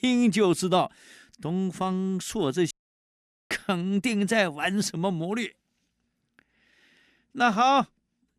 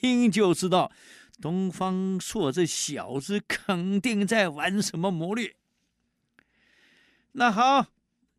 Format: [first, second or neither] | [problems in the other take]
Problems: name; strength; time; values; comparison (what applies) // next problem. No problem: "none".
second | audio cutting out; at 2.5 s for 1 s